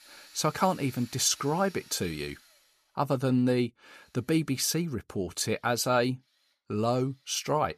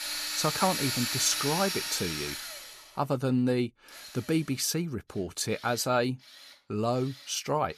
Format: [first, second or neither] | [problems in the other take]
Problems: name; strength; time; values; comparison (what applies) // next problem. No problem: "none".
first | machinery noise; loud; throughout; 1 dB below the speech; faint in the first